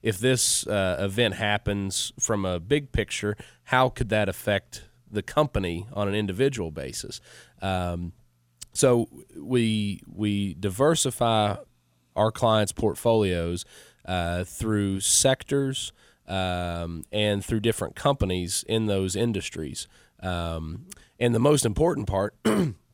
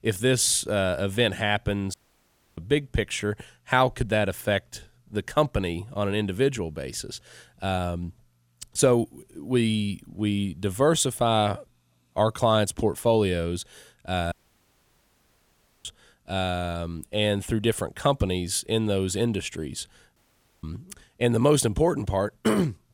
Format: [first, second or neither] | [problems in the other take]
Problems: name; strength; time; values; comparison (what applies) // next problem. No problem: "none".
first | audio cutting out; at 2 s for 0.5 s, at 14 s for 1.5 s and at 20 s